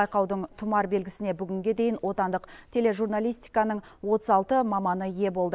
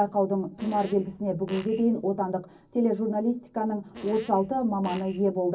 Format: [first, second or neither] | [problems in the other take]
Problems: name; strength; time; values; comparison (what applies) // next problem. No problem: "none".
first | background sound (Fart); 19 dB below the speech // room echo; dies away in 0.4 s